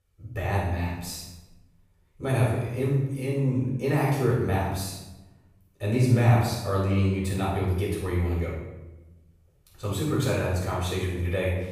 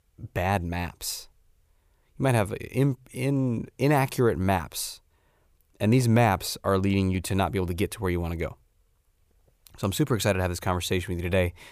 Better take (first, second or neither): second